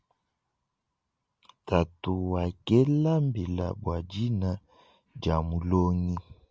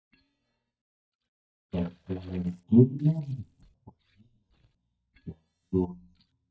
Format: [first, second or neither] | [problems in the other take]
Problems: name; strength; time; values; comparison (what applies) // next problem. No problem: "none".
first | noise reduction (neural mask model DeepFilterNet 3)